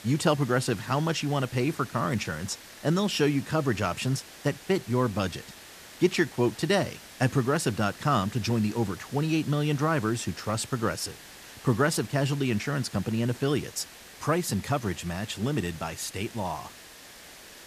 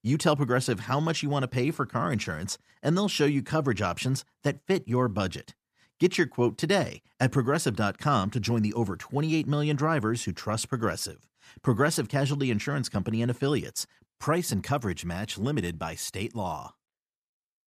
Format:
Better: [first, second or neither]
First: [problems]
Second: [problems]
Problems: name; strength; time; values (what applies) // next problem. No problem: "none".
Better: second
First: hiss; noticeable; throughout; 15 dB below the speech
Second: none